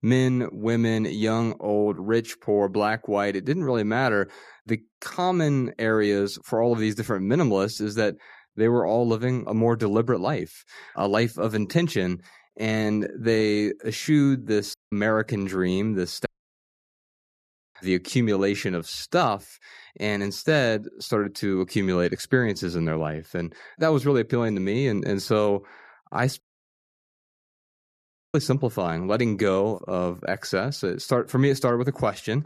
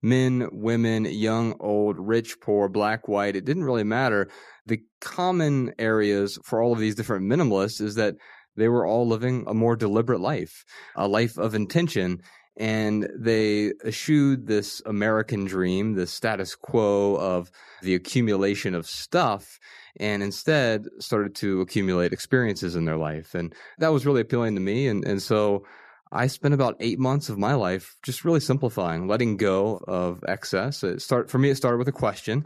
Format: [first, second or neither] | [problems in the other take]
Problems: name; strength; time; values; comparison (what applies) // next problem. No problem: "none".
second | audio cutting out; at 15 s, at 16 s for 1.5 s and at 26 s for 2 s